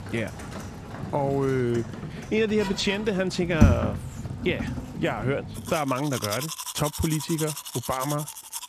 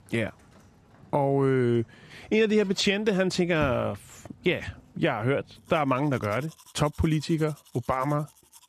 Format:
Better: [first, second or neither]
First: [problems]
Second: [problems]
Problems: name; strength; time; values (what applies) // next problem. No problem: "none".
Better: second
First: household noises; loud; throughout; 4 dB below the speech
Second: household noises; faint; throughout; 25 dB below the speech